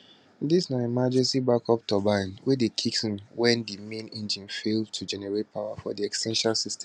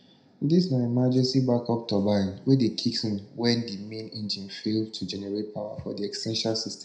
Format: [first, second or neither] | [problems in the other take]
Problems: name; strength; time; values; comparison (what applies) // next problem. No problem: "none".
first | room echo; dies away in 0.4 s